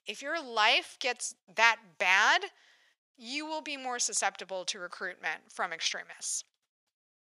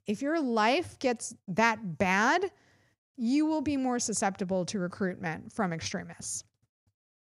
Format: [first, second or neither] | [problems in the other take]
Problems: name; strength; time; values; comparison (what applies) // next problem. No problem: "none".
second | thin; very; fading below 750 Hz